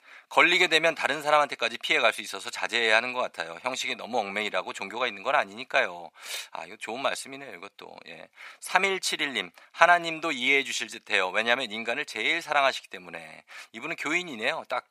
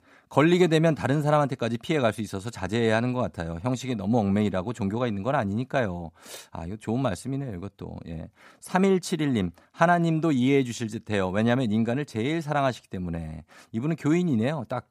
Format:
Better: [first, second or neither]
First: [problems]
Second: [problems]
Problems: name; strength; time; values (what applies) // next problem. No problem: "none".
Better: second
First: thin; very; fading below 750 Hz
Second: none